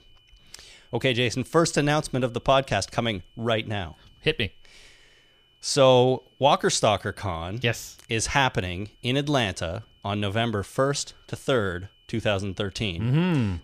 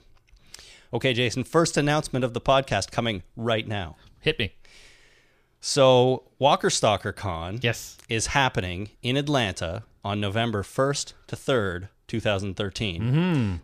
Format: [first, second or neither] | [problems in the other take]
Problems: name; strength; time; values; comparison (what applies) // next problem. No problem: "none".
second | high-pitched whine; faint; throughout; 3 kHz, 35 dB below the speech